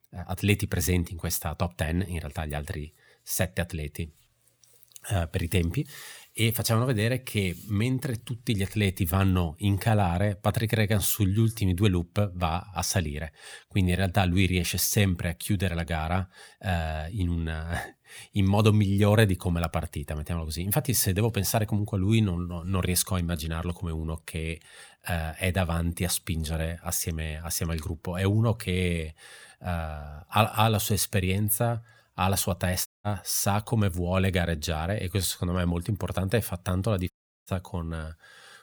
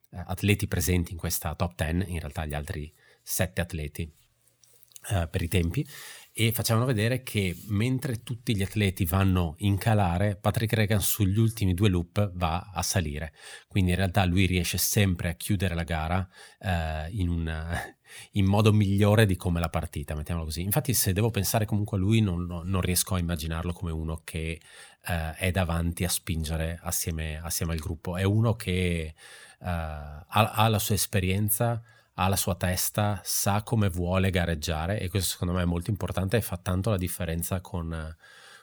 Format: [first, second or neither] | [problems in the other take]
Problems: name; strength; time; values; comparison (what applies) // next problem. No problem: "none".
second | audio cutting out; at 33 s and at 37 s